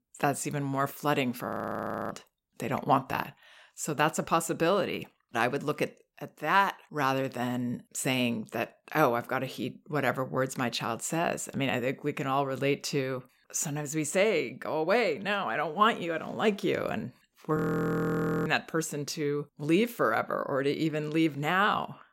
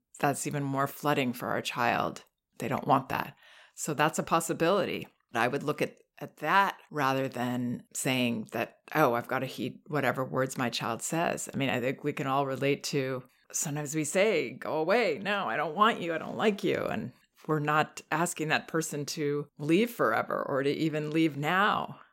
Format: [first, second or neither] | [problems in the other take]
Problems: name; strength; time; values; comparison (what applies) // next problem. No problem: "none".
second | audio freezing; at 1.5 s for 0.5 s and at 18 s for 1 s